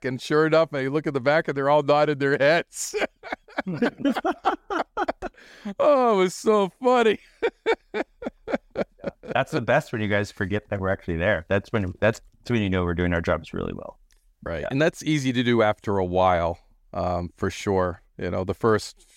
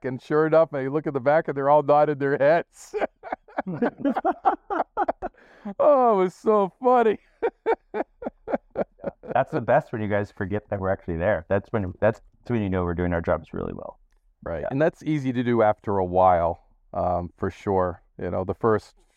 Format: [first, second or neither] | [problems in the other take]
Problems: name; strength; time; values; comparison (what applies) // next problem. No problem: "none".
first | muffled; very; fading above 2 kHz